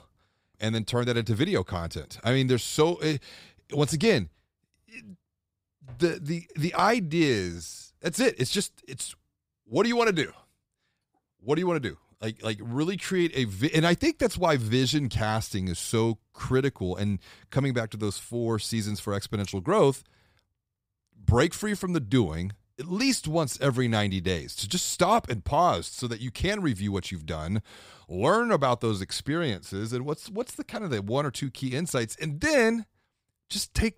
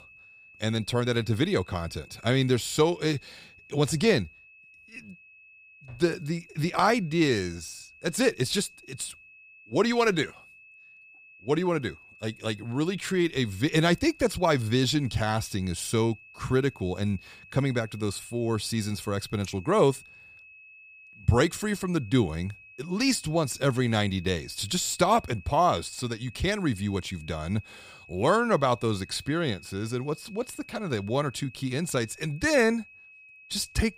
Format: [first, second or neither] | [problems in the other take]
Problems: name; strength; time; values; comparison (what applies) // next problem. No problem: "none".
first | high-pitched whine; faint; throughout; 2.5 kHz, 20 dB below the speech